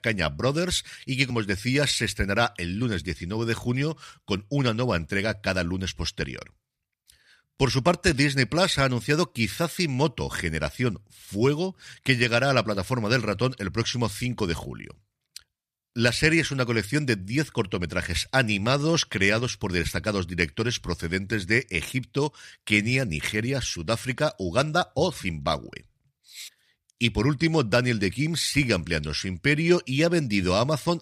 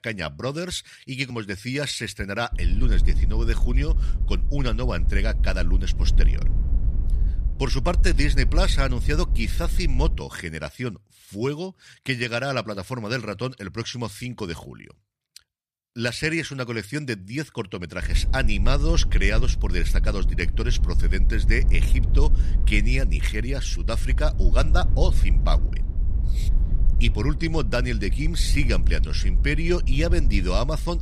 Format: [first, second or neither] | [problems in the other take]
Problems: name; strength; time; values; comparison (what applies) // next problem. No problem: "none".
first | low rumble; noticeable; from 2.5 to 10 s and from 18 s on; 15 dB below the speech